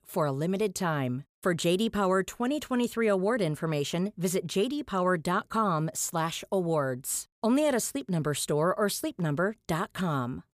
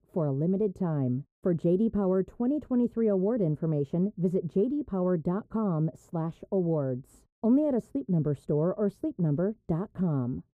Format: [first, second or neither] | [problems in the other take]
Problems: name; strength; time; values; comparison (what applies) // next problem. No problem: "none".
first | muffled; very; fading above 1 kHz